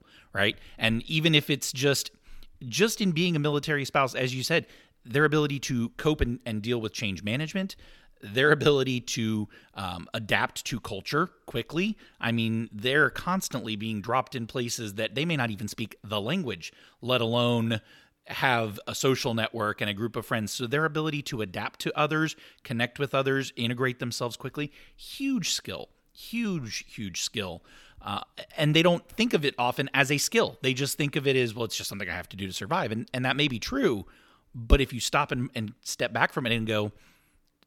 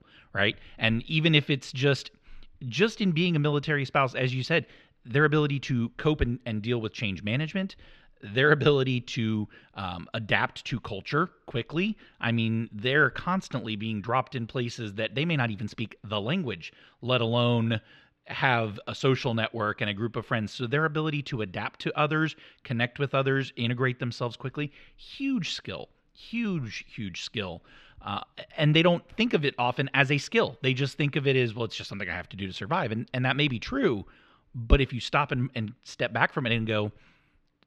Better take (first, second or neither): first